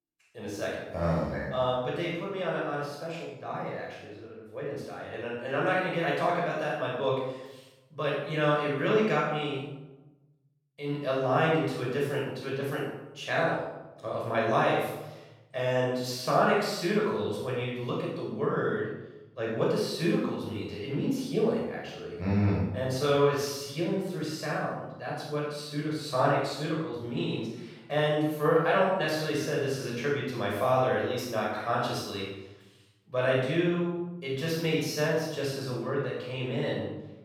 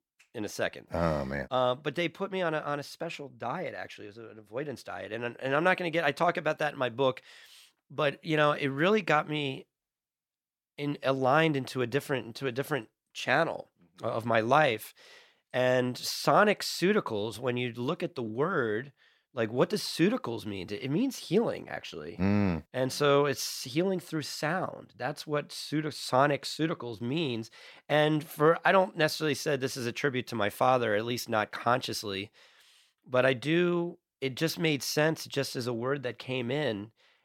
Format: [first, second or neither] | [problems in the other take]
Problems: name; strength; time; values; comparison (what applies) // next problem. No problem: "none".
second | off-mic speech; far // room echo; strong; dies away in 0.8 s